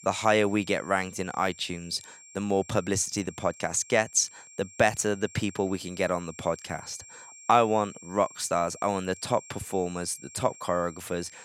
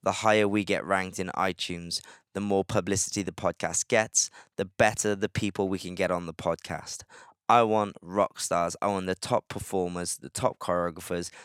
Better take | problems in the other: second | high-pitched whine; noticeable; throughout; 7.5 kHz, 20 dB below the speech

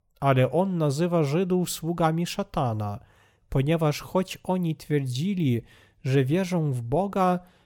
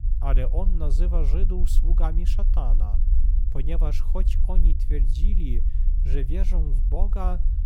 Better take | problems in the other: first | low rumble; loud; throughout; 9 dB below the speech

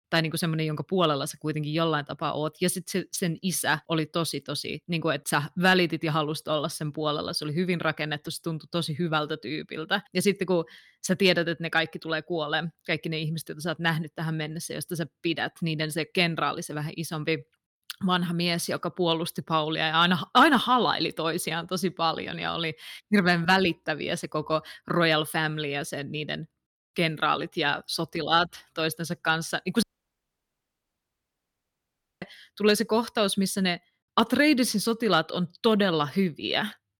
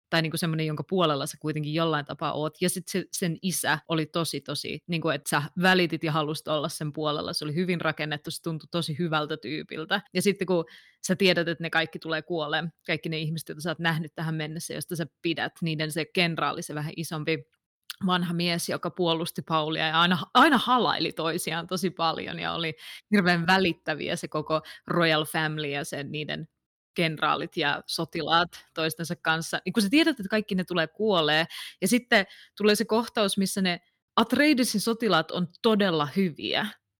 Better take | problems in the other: second | audio cutting out; at 30 s for 2.5 s

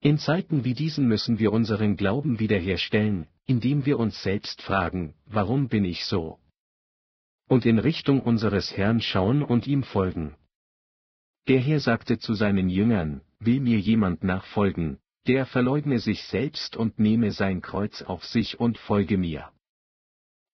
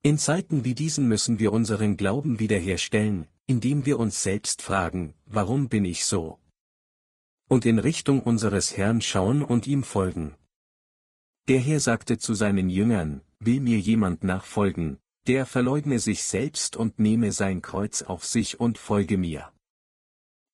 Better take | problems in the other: second | garbled, watery; badly; nothing above 5.5 kHz; slightly in the second

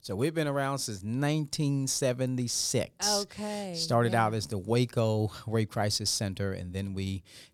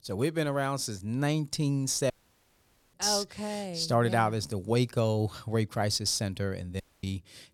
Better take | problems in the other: first | audio cutting out; at 2 s for 1 s and at 7 s

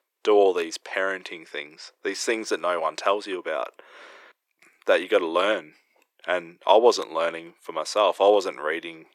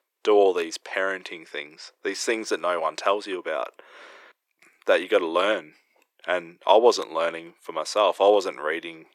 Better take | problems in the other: neither | thin; very; fading below 350 Hz; the same in both

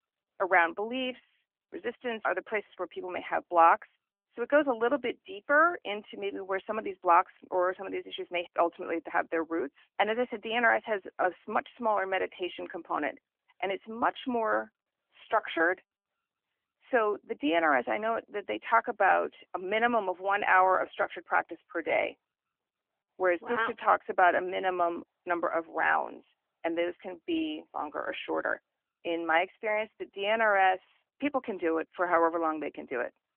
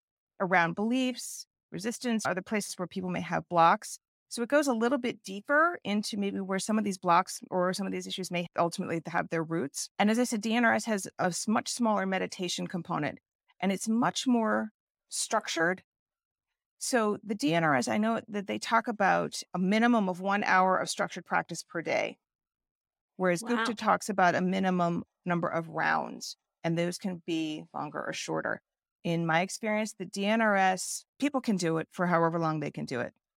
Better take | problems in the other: second | phone-call audio; nothing above 3 kHz

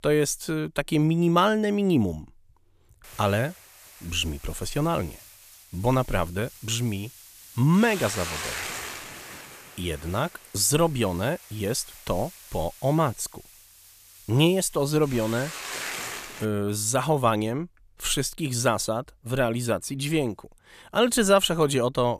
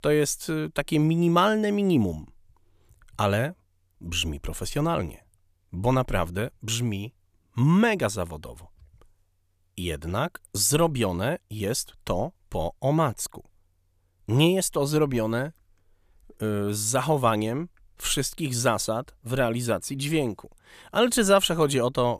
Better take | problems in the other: second | hiss; noticeable; from 3 to 16 s; 15 dB below the speech

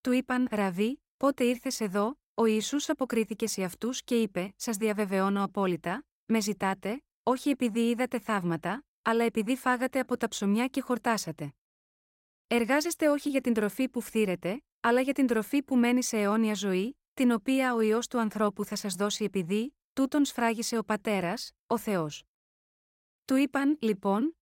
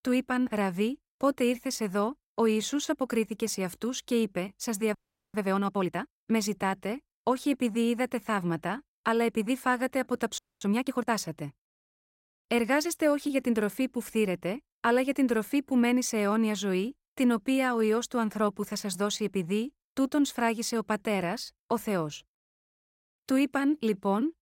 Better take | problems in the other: first | audio freezing; at 5 s and at 10 s

